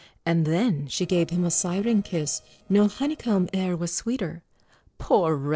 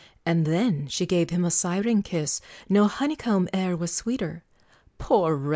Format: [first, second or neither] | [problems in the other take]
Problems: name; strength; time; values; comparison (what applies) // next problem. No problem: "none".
second | noise reduction (neural separator model SepFormer DNS4)